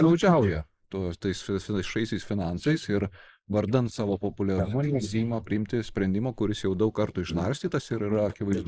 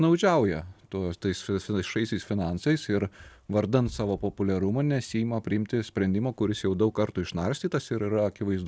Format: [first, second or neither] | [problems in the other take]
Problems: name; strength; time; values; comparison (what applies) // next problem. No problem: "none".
second | noise reduction (neural mask model Resemble Enhance denoiser)